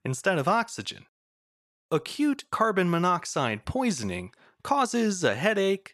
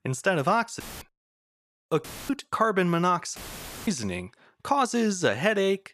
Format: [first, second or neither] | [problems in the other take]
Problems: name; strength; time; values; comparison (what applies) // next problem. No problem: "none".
first | audio cutting out; filled with static; at 1 s, at 2 s and at 3.5 s for 0.5 s